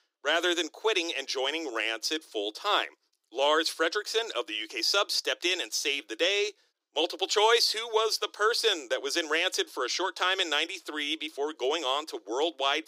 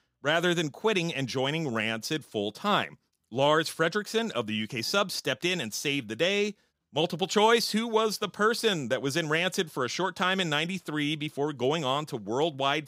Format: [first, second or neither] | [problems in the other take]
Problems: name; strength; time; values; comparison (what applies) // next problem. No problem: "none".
second | thin; very; fading below 300 Hz